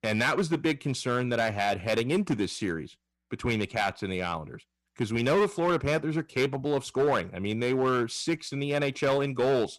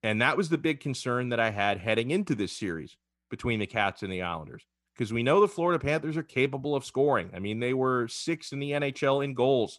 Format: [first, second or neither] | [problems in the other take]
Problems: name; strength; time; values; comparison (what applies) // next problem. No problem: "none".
second | distortion; slight; 7% of the sound clipped